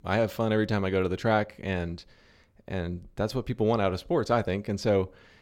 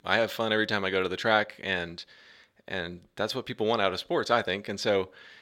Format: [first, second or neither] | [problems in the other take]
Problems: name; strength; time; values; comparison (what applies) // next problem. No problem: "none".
first | thin; somewhat; fading below 850 Hz